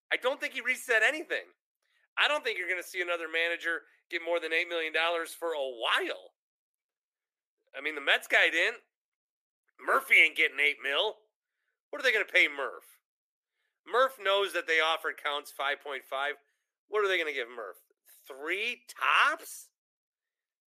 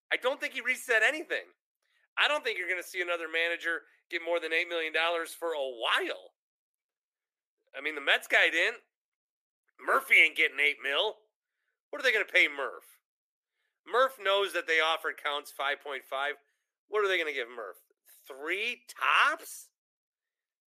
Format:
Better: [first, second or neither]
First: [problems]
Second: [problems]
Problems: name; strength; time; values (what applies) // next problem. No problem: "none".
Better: neither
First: thin; very; fading below 350 Hz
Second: thin; very; fading below 350 Hz